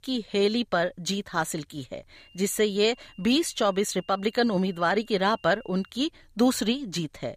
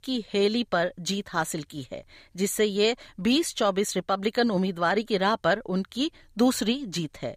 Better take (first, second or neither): second